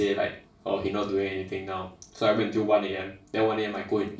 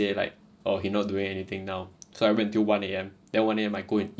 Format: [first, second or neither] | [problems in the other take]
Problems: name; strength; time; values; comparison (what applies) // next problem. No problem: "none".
second | room echo; dies away in 0.3 s